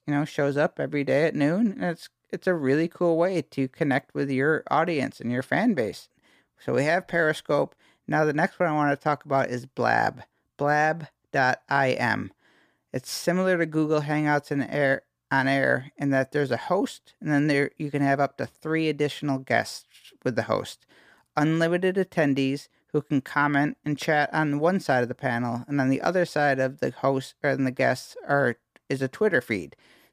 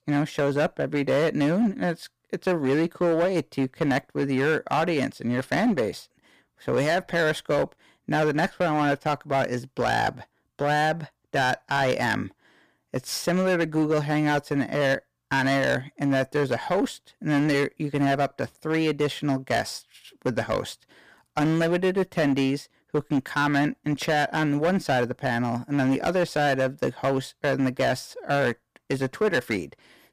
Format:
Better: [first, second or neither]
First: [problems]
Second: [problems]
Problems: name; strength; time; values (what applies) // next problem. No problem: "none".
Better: first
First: none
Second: distortion; slight; 9% of the sound clipped